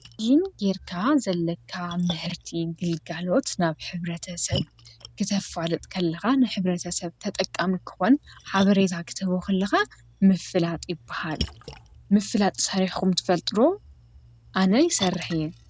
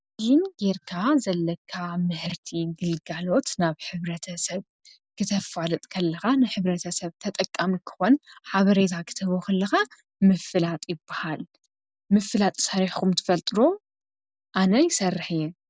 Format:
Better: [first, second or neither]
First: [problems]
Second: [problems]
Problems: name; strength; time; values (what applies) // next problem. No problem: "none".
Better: second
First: background sound (Splash, splatter); 16 dB below the speech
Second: none